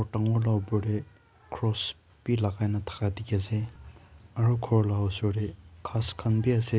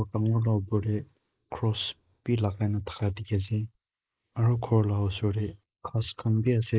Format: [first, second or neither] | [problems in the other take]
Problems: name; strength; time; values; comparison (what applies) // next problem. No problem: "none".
first | noise reduction (neural mask model Resemble Enhance denoiser)